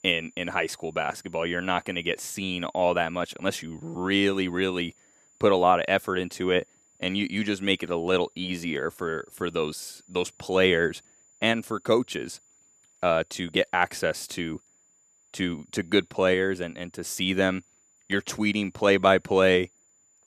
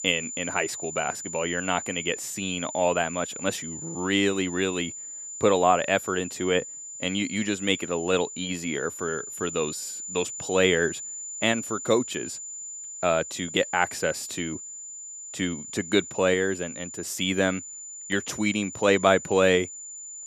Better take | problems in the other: first | high-pitched whine; loud; throughout; 7 kHz, 9 dB below the speech; faint in the first

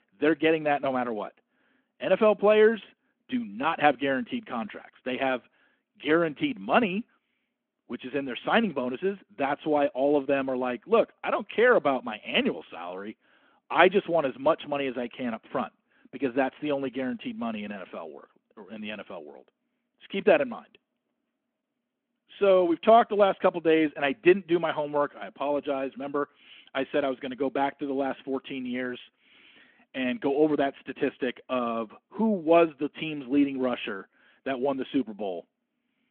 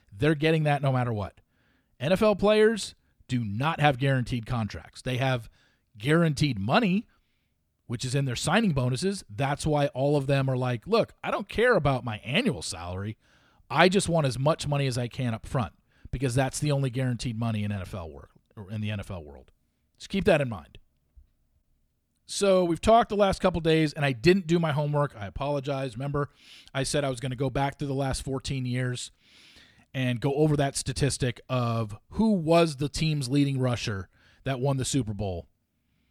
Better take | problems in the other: second | phone-call audio

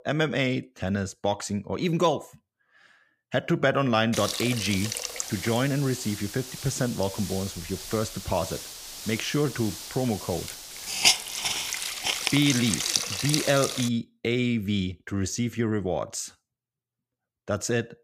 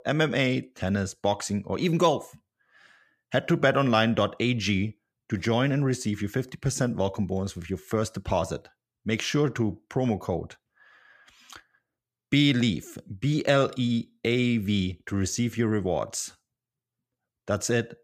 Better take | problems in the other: second | hiss; loud; from 4 to 14 s; 2 dB below the speech

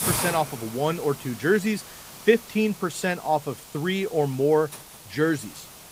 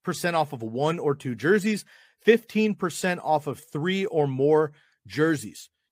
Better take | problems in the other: second | hiss; noticeable; throughout; 10 dB below the speech

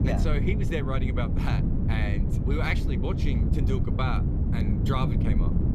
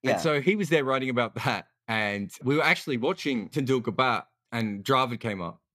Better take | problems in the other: second | wind noise on the microphone; heavy; 3 dB below the speech

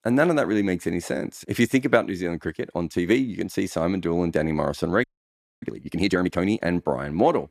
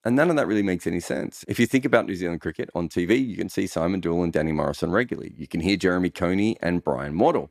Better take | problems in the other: second | audio freezing; at 5 s for 0.5 s

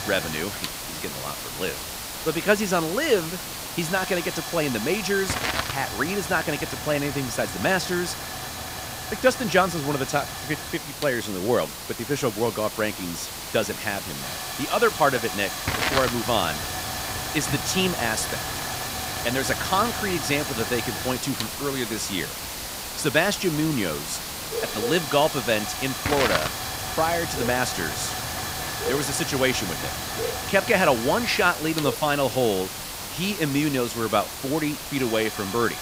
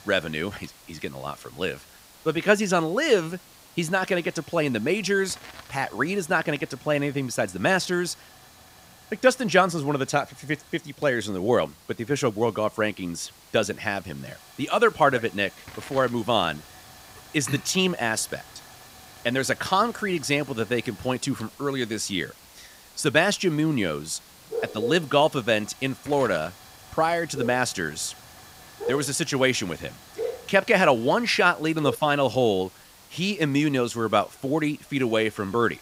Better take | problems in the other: second | hiss; loud; throughout; 4 dB below the speech; faint in the second

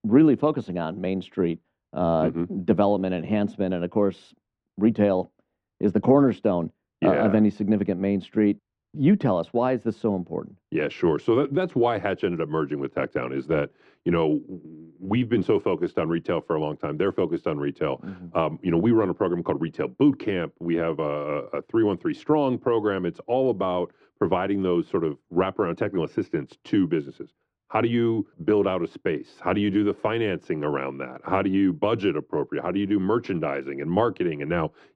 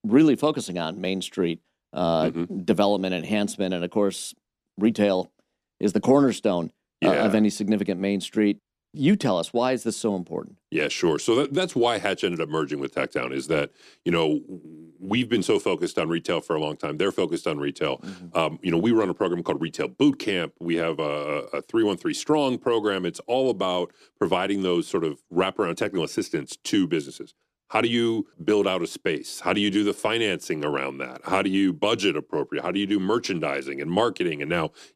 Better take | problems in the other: second | muffled; very; fading above 1.5 kHz

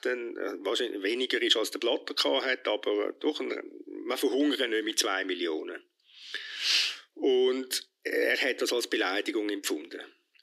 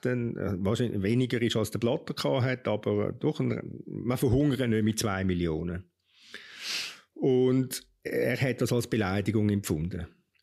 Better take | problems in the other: second | thin; somewhat; fading below 300 Hz

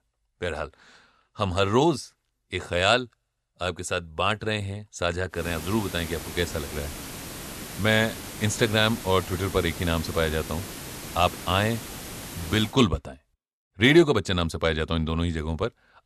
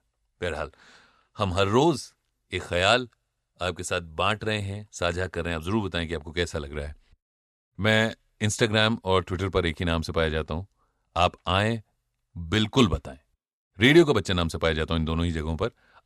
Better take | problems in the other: second | hiss; noticeable; from 5.5 to 13 s; 10 dB below the speech

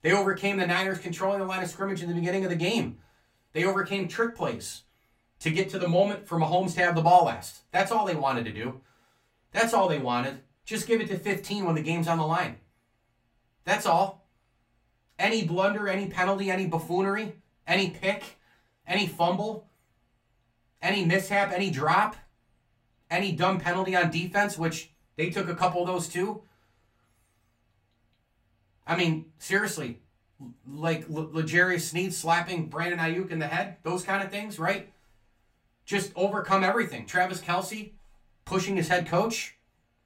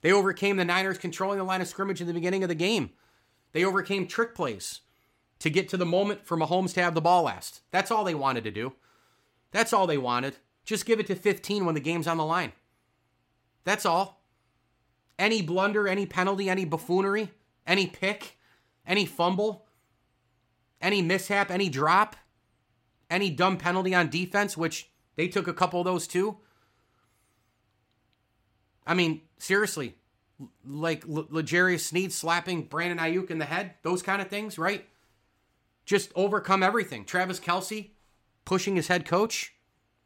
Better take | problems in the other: second | off-mic speech; far // room echo; very slight; dies away in 0.2 s

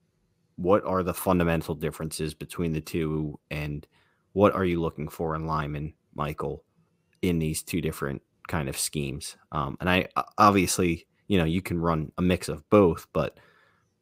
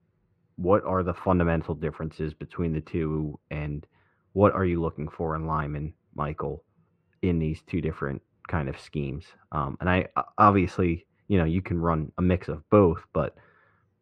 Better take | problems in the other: first | muffled; very; fading above 1.5 kHz

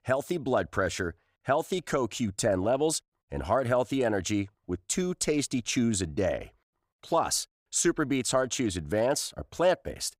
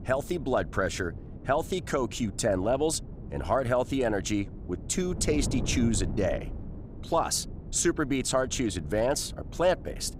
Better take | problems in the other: first | wind noise on the microphone; occasional gusts; 20 dB below the speech

